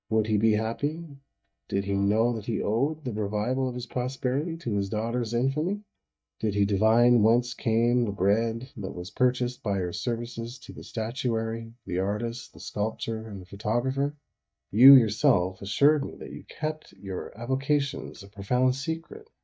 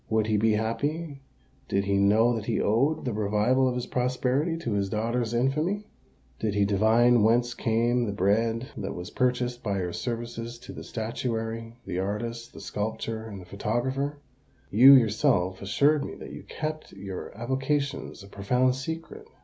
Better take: second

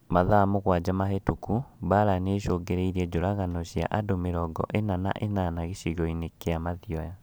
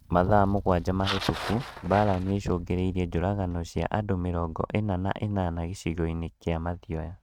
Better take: first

